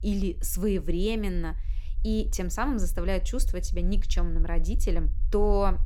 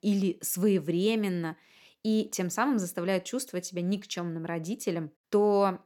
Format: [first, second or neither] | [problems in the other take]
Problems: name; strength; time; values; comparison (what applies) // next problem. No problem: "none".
second | low rumble; faint; throughout; 25 dB below the speech